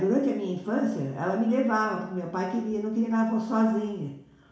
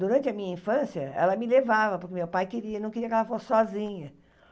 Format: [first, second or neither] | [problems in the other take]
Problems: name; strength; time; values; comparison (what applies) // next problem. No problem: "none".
second | room echo; dies away in 0.7 s